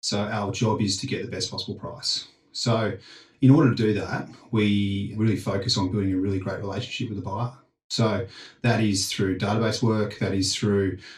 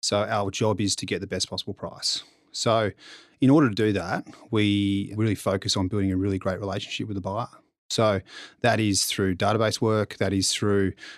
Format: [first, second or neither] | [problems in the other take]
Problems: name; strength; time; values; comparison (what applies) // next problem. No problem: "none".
second | room echo; slight; dies away in 0.2 s // off-mic speech; far